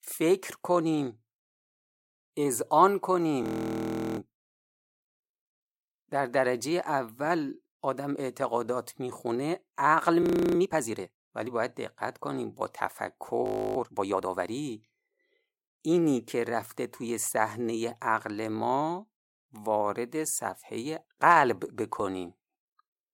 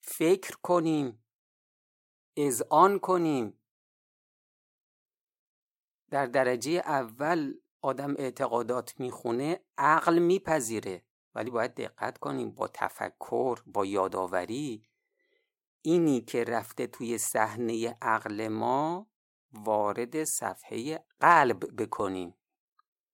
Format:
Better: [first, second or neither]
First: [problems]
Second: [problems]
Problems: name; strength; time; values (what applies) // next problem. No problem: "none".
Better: second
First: audio freezing; at 3.5 s for 0.5 s, at 10 s and at 13 s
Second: none